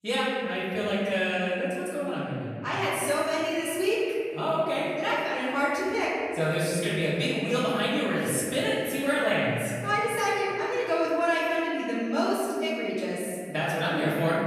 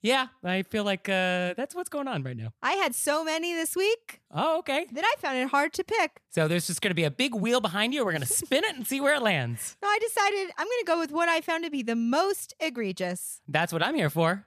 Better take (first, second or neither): second